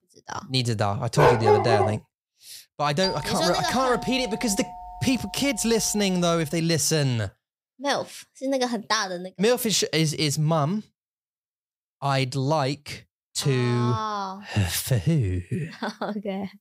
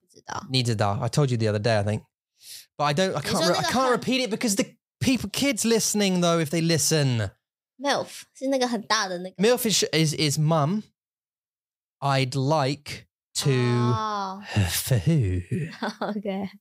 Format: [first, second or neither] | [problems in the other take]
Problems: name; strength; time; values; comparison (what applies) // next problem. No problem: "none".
second | dog barking; loud; at 1 s; peak 6 dB above the speech // doorbell; noticeable; from 3 to 6 s; peak 5 dB below the speech